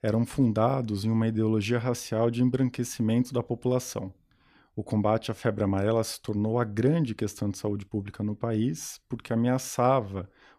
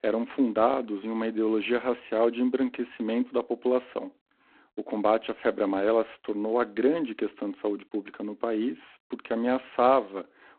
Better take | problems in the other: first | phone-call audio; poor line; nothing above 4 kHz

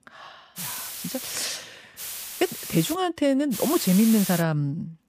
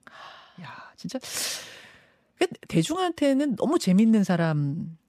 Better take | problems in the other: second | hiss; loud; at 0.5 s, at 2 s and at 3.5 s; 8 dB below the speech

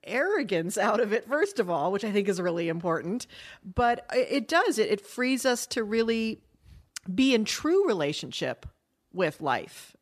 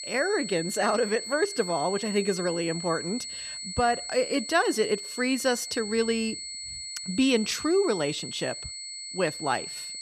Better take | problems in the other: first | high-pitched whine; loud; throughout; 4.5 kHz, 7 dB below the speech

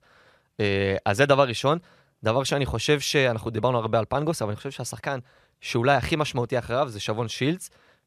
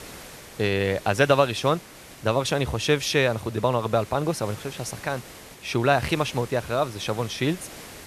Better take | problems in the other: first | hiss; noticeable; throughout; 20 dB below the speech

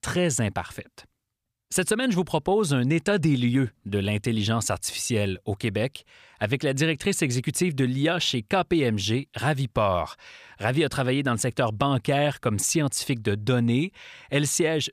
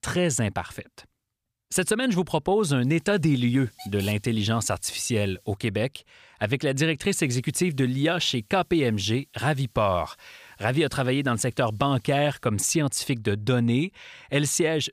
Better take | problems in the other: first | hiss; faint; from 3 to 5.5 s and from 7 to 12 s; 25 dB below the speech

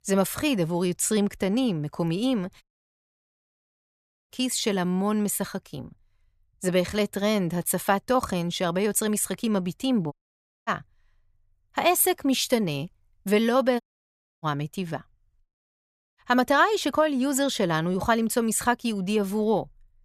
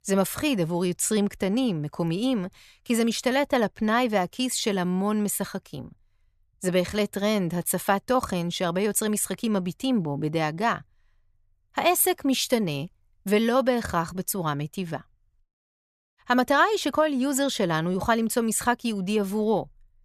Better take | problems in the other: second | audio cutting out; at 2.5 s for 1.5 s, at 10 s for 0.5 s and at 14 s for 0.5 s

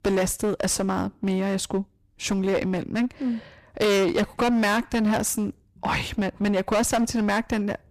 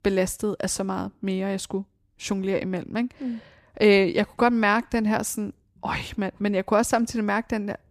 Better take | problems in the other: second | distortion; heavy; 15% of the sound clipped

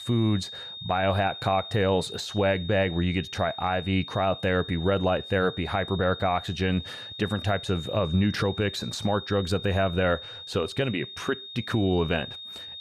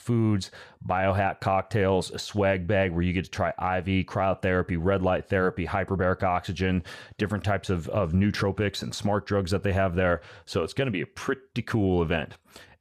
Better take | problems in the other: second | high-pitched whine; noticeable; throughout; 3.5 kHz, 10 dB below the speech

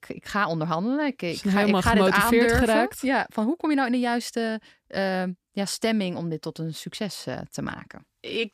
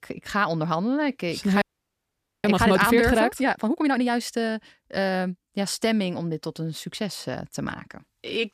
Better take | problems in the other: first | audio freezing; at 1.5 s for 1 s

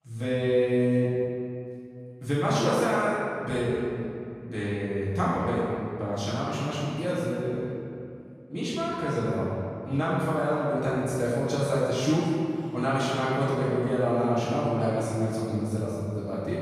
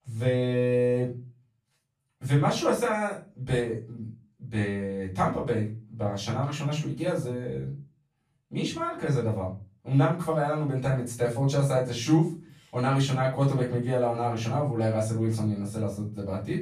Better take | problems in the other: second | room echo; strong; dies away in 2.2 s; slight in the second // off-mic speech; far; far in the second

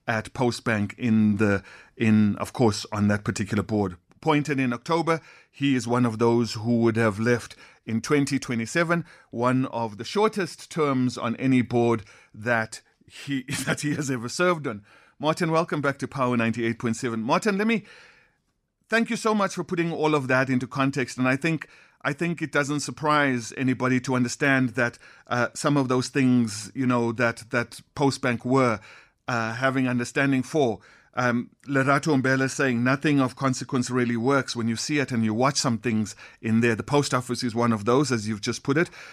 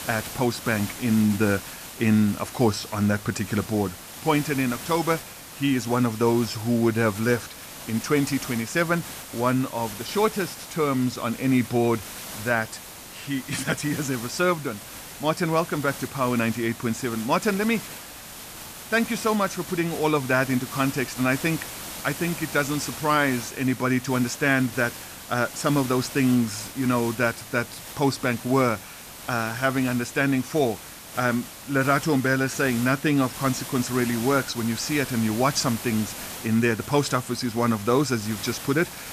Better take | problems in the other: first | hiss; noticeable; throughout; 10 dB below the speech

